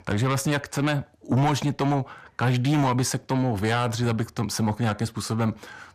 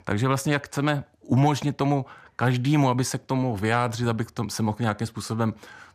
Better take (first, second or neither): second